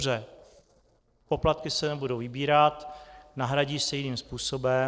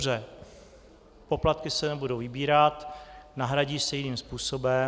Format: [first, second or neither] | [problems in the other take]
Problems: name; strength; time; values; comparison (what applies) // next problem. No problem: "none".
second | noise reduction (neural separator model SepFormer DNS4)